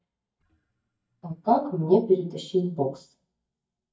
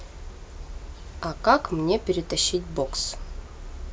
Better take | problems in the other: second | noise reduction (neural mask model DeepFilterNet 3)

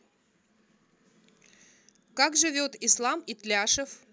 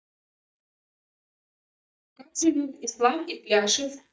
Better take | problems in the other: first | noise reduction (neural mask model DeepFilterNet 3)

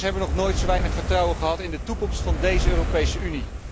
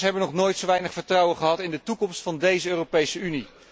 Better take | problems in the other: second | background sound (Fire); 2 dB above the speech

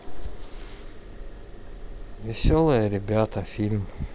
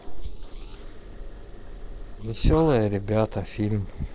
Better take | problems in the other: first | noise reduction (neural separator model SepFormer DNS4)

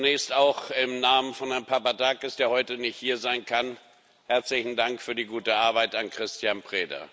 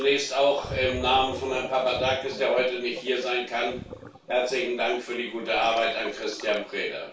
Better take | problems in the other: first | background sound (Gurgling); 14 dB below the speech // room echo; dies away in 0.3 s

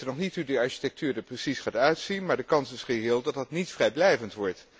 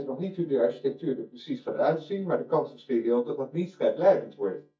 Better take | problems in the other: first | noise reduction (neural mask model DeepFilterNet 3)

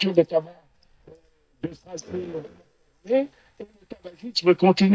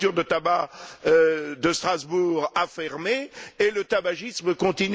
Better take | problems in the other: second | noise reduction (neural mask model DeepFilterNet 3)

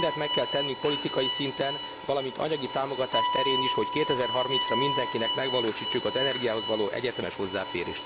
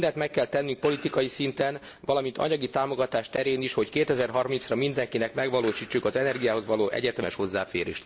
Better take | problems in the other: second | background sound (Bowed string instrument); 2 dB below the speech

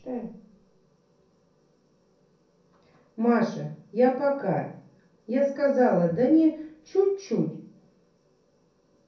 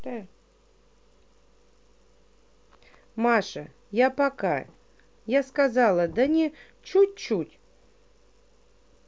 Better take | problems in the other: second | room echo; dies away in 0.6 s

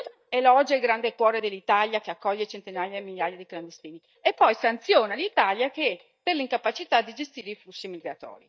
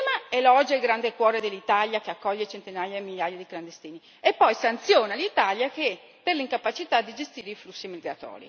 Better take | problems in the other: second | noise reduction (neural mask model DeepFilterNet 3)

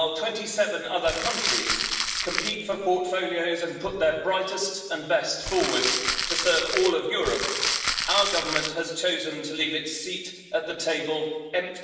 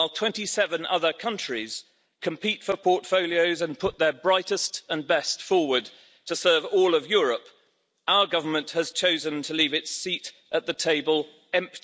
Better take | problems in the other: second | background sound (Crumpling, crinkling); 1 dB below the speech // room echo; dies away in 1.1 s

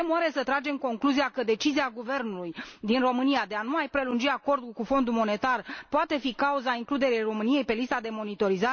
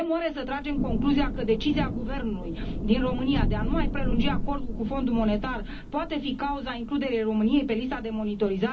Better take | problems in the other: first | background sound (Thunder / Rain); 3 dB below the speech // room echo; dies away in 0.4 s

